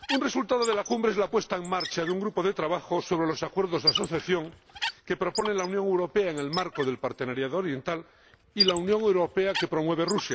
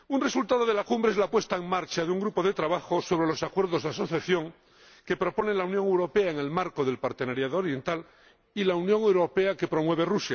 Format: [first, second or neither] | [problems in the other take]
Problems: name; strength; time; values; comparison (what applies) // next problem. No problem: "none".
second | background sound (Squeak); 8 dB below the speech